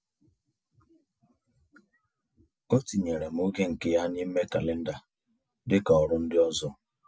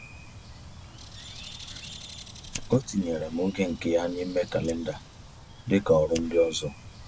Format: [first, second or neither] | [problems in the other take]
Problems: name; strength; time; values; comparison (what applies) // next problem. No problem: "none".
first | background sound (Bird + Fire); 14 dB below the speech